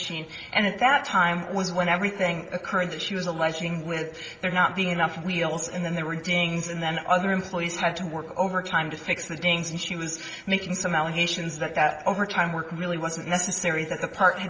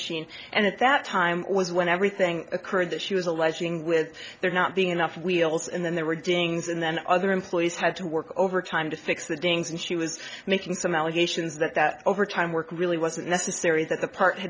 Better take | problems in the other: second | room echo; dies away in 2.4 s

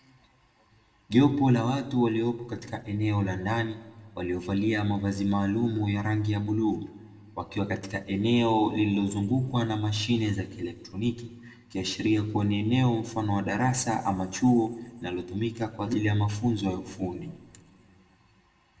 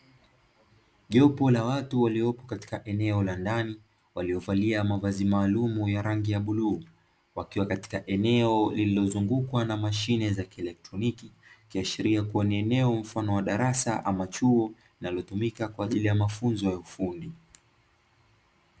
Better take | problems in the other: second | room echo; dies away in 1 s

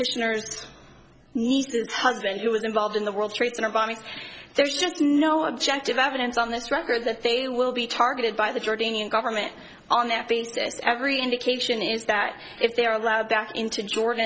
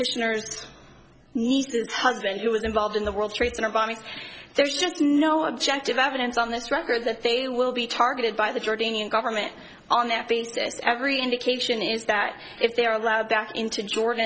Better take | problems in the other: first | background sound (Knock); 18 dB below the speech

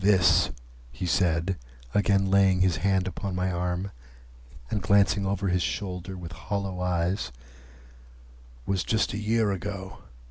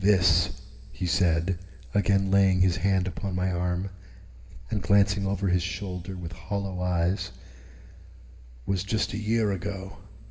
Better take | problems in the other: first | room echo; dies away in 2.1 s

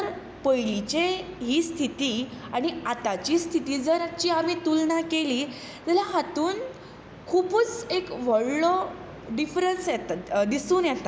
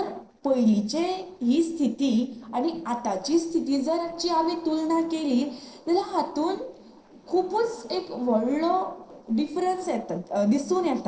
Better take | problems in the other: first | noise reduction (neural separator model SepFormer DNS4)

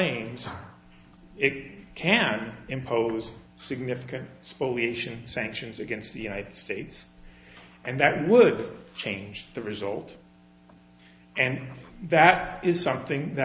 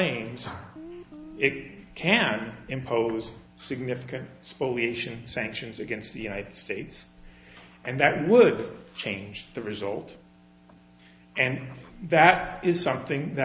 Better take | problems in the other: first | background sound (Guitar); 16 dB below the speech

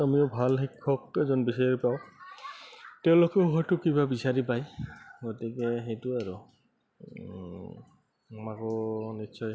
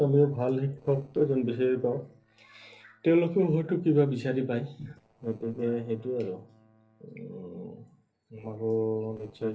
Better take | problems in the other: first | noise reduction (neural separator model SepFormer DNS4)

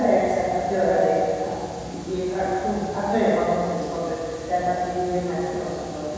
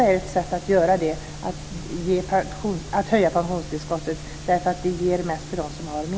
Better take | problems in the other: second | room echo; dies away in 1.9 s

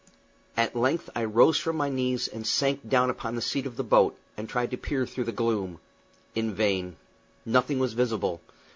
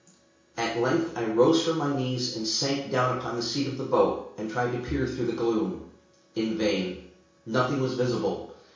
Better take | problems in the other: first | room echo; dies away in 0.6 s

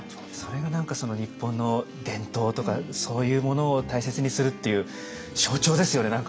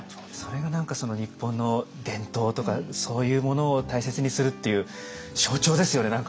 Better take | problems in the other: second | background sound (Piano); 18 dB below the speech

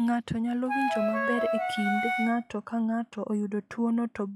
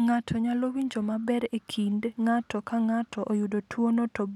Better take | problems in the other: second | noise reduction (classical method log-MMSE)

